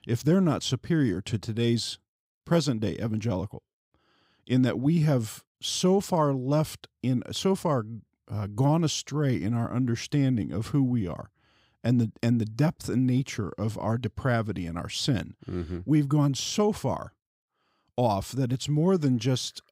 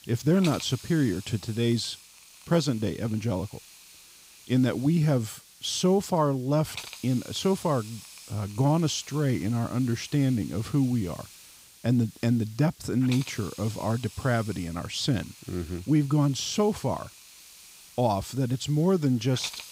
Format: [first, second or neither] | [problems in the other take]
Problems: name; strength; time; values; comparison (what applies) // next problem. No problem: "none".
first | hiss; noticeable; throughout; 20 dB below the speech